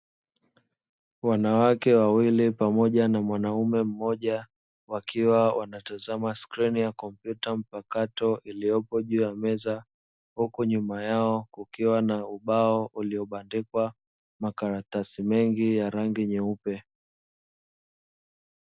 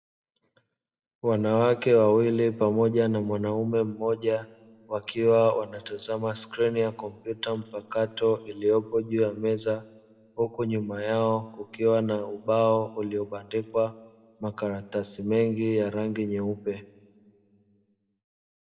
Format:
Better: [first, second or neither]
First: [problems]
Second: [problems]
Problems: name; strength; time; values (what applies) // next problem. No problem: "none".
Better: first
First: none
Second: room echo; dies away in 1 s